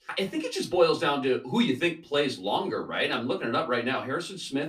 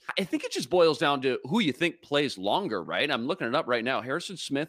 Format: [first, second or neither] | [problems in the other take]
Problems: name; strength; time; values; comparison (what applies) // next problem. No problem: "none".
second | off-mic speech; far // room echo; very slight; dies away in 0.2 s